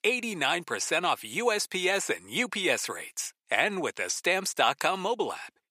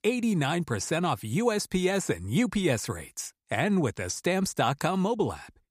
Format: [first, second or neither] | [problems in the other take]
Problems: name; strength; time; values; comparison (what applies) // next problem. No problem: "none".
second | thin; somewhat; fading below 450 Hz